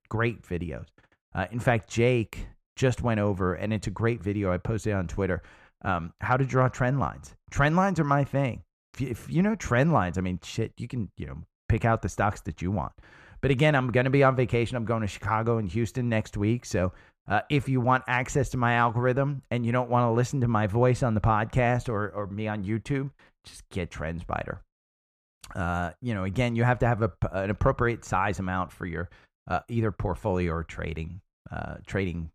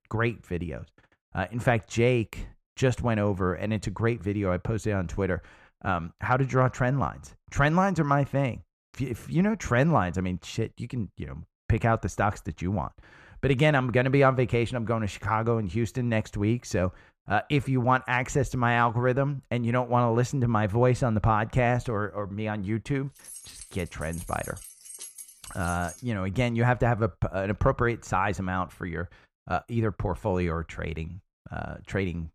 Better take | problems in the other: first | jangling keys; faint; from 23 to 26 s; peak 15 dB below the speech

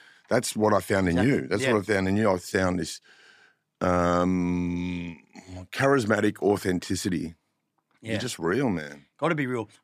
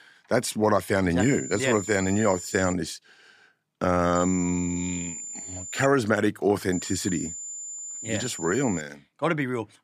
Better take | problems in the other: first | high-pitched whine; loud; from 1 to 2.5 s, from 4 to 6 s and from 6.5 to 9 s; 7 kHz, 9 dB below the speech

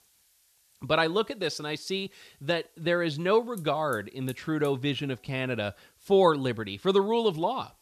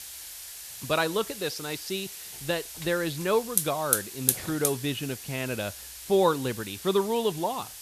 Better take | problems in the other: first | hiss; loud; throughout; 4 dB below the speech; faint in the first

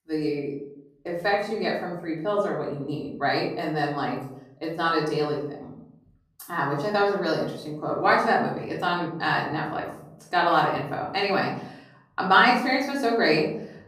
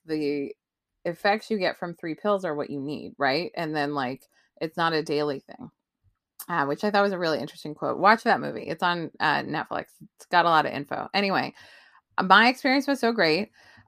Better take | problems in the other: second | off-mic speech; far // room echo; noticeable; dies away in 0.6 s

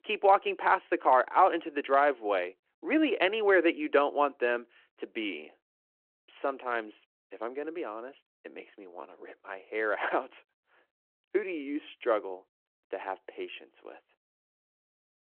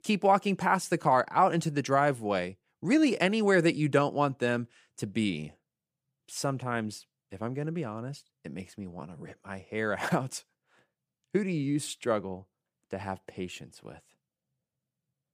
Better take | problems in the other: second | phone-call audio

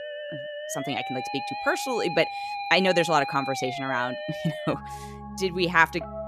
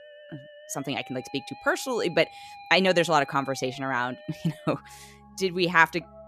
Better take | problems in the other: second | background music; loud; throughout; 8 dB below the speech; faint in the second

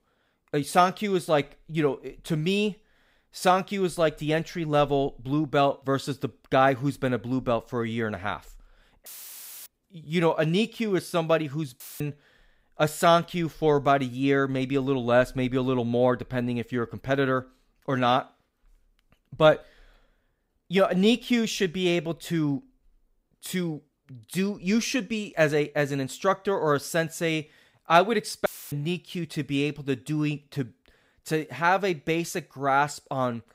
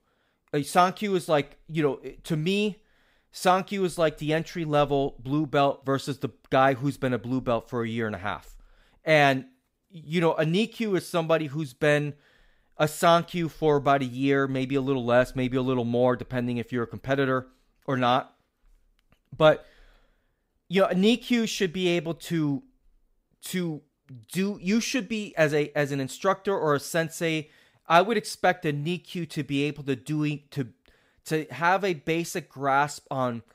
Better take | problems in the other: second | audio cutting out; filled with static; at 9 s for 0.5 s, at 12 s and at 28 s

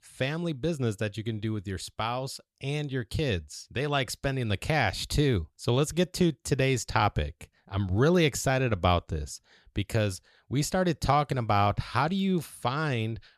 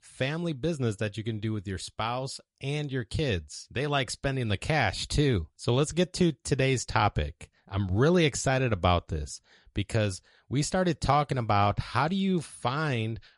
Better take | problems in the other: first | garbled, watery; slightly; nothing above 11 kHz

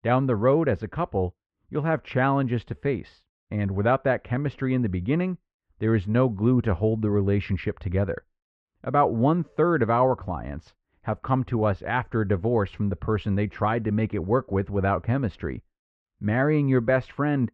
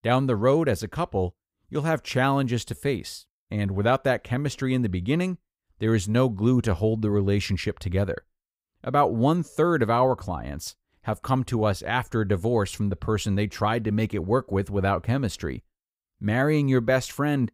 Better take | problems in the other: second | muffled; very; fading above 2.5 kHz

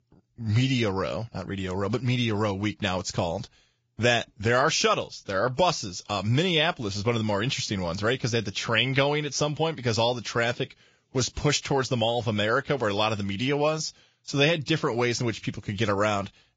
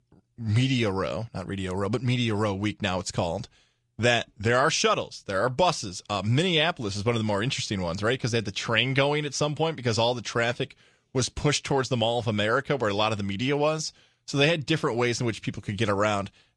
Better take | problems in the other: second | garbled, watery; badly; nothing above 7.5 kHz; slightly in the second

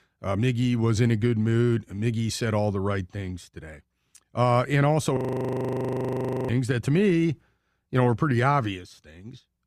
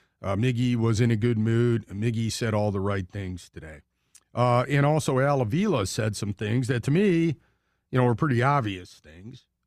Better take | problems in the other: second | audio freezing; at 5 s for 1.5 s

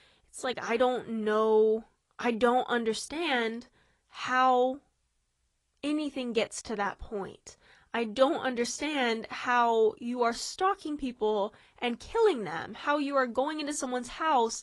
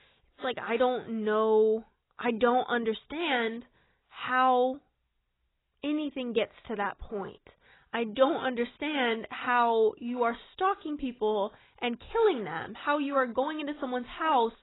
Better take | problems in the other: first | garbled, watery; badly; nothing above 4 kHz; slightly in the first

